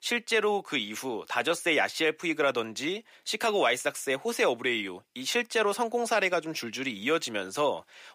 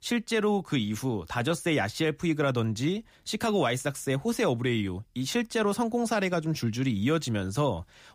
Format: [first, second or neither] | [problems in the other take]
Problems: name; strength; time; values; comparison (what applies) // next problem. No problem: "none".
second | thin; somewhat; fading below 450 Hz